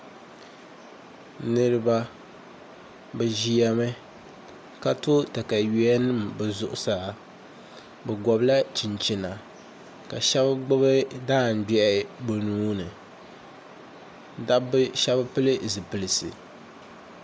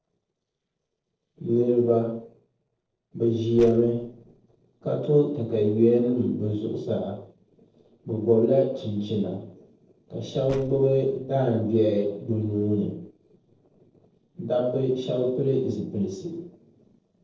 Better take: first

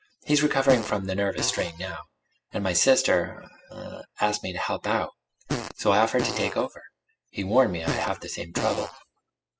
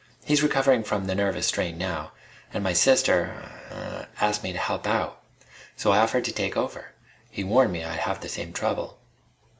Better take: second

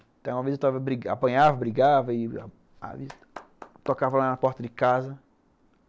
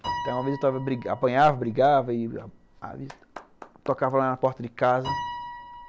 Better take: first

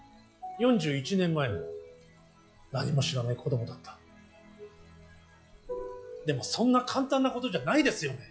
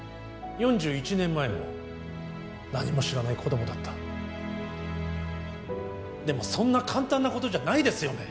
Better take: second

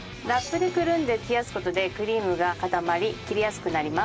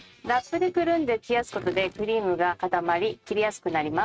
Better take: first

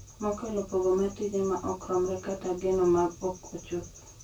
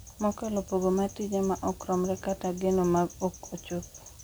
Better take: second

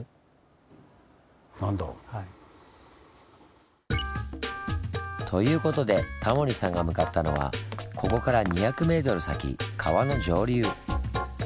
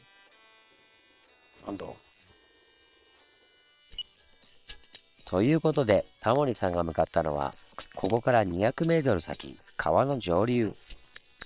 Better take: first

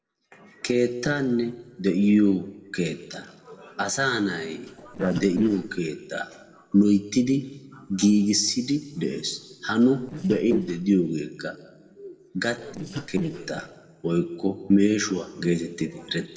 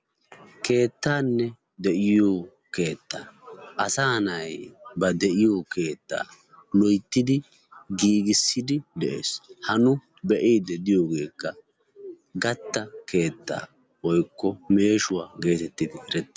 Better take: second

